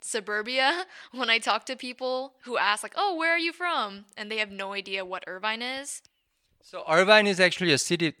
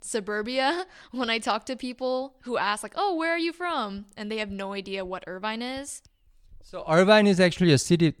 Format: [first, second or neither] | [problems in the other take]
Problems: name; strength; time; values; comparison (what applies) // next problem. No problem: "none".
second | thin; somewhat; fading below 550 Hz